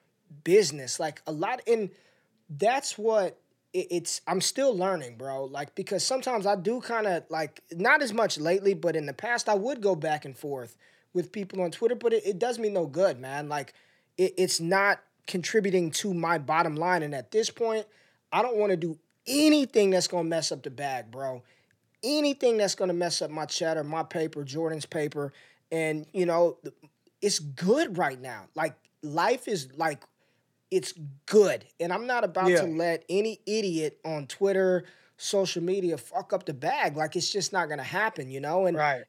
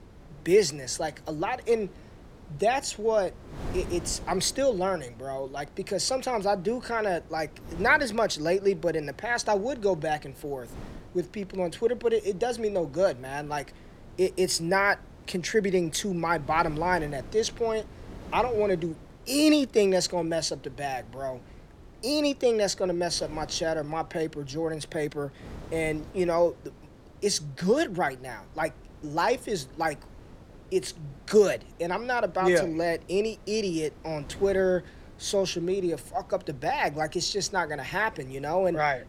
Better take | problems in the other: first | wind noise on the microphone; occasional gusts; 25 dB below the speech

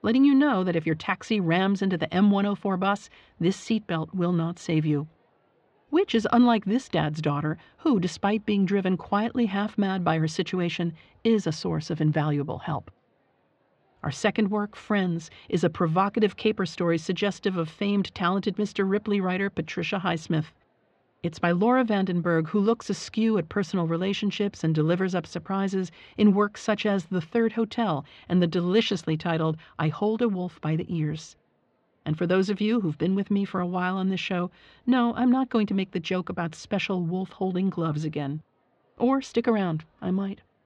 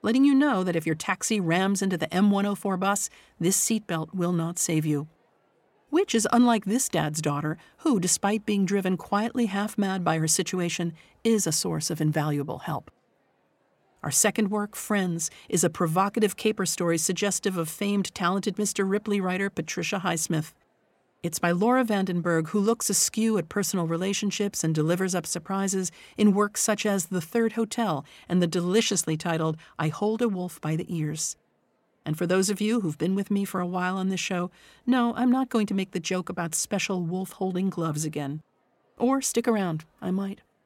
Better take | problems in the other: second | muffled; slightly; fading above 4 kHz

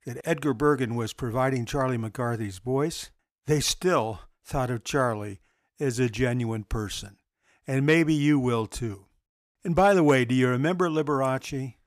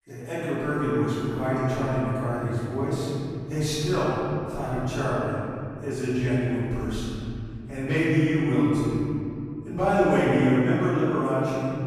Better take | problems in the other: first | off-mic speech; far // room echo; strong; dies away in 3 s

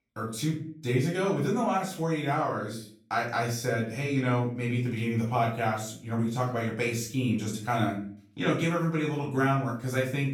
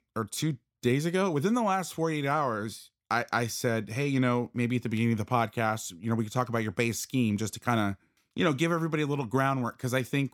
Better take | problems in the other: second | off-mic speech; far // room echo; slight; dies away in 0.4 s

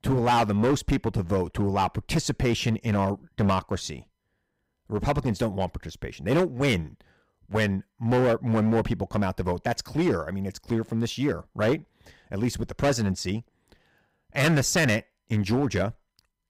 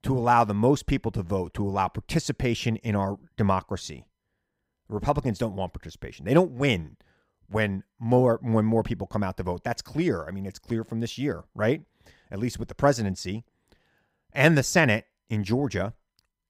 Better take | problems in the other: second | distortion; heavy; 8% of the sound clipped

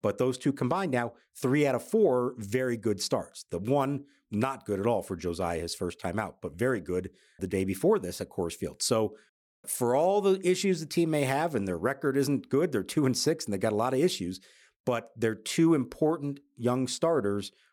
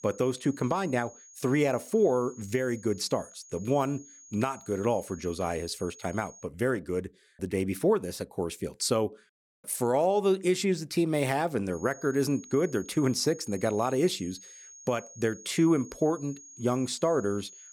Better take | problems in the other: first | high-pitched whine; noticeable; until 6.5 s and from 12 s on; 6.5 kHz, 20 dB below the speech

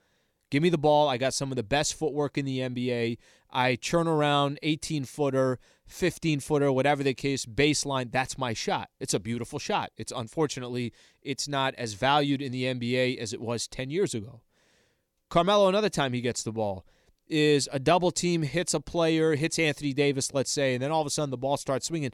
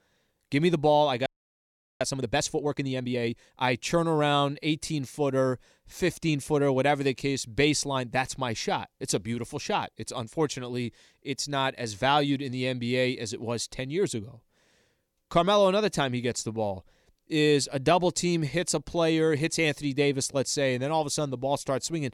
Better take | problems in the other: first | audio freezing; at 1.5 s for 0.5 s

